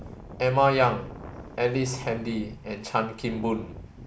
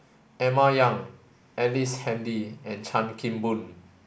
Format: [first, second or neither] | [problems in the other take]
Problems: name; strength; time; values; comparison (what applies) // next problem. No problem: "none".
second | background sound (Wind); 15 dB below the speech